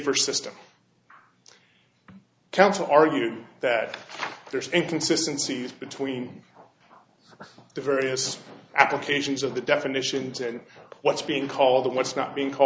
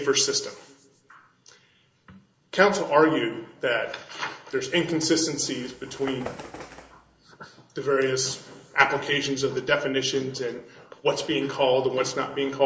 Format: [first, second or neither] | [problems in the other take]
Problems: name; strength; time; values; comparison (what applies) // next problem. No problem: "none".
first | background sound (Bird); 17 dB below the speech // room echo; dies away in 0.9 s